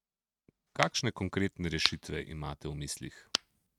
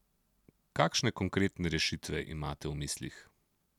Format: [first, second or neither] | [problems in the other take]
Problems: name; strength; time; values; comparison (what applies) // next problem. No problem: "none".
second | noise reduction (neural mask model RNNoise)